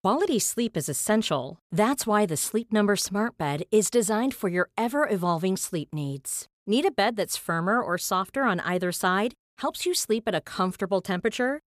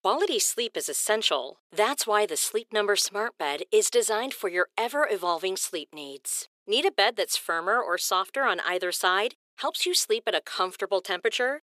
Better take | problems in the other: first | thin; very; fading below 400 Hz

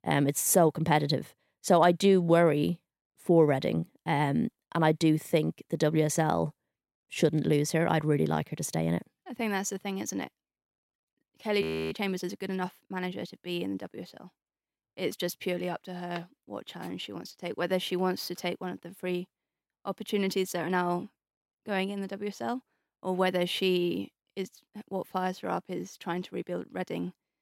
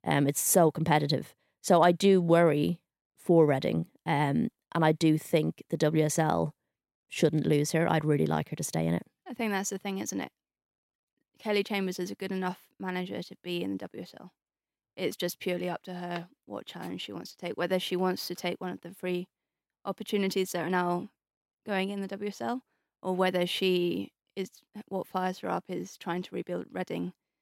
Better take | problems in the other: second | audio freezing; at 12 s

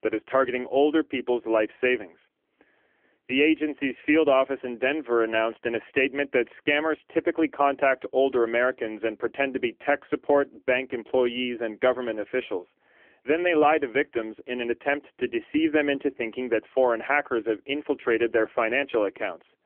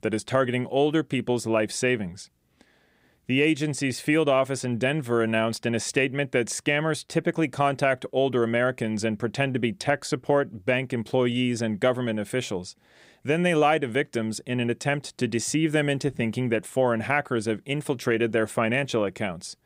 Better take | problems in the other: second | phone-call audio; poor line; nothing above 3 kHz

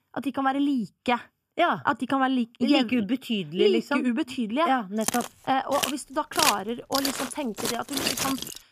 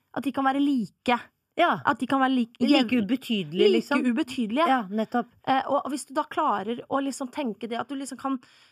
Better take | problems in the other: second | footsteps; loud; from 5 s on; peak 3 dB above the speech

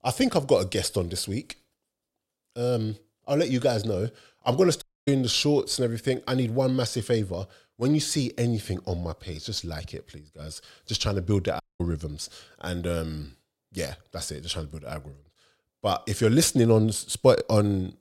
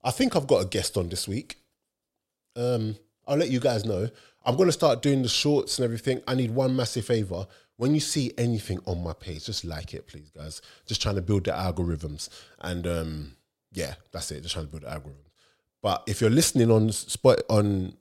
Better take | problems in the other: second | audio cutting out; at 5 s and at 12 s

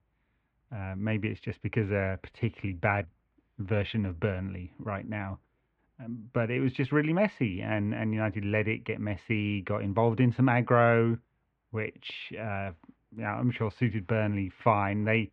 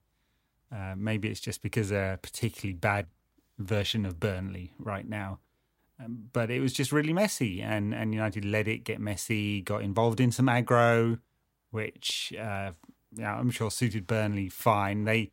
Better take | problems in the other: second | muffled; very; fading above 2.5 kHz

